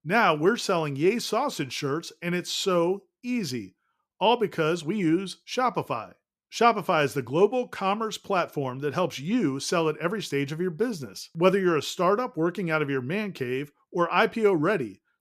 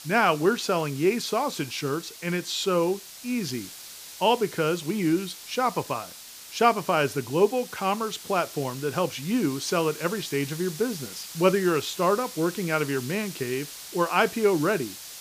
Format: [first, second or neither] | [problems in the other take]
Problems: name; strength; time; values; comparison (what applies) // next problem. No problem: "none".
first | hiss; noticeable; throughout; 15 dB below the speech